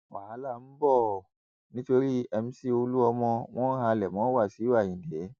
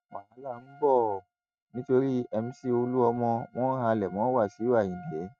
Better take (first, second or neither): first